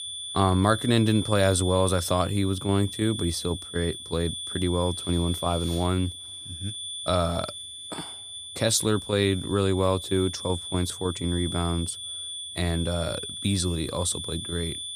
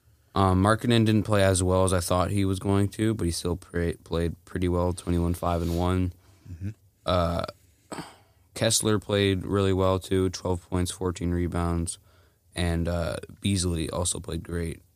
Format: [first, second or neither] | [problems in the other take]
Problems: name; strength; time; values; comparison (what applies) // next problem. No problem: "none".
second | high-pitched whine; loud; throughout; 3.5 kHz, 8 dB below the speech